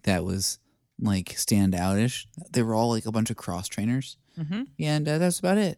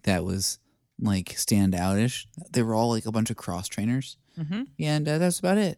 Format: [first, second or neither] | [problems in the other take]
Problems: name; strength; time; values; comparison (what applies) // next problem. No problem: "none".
neither | none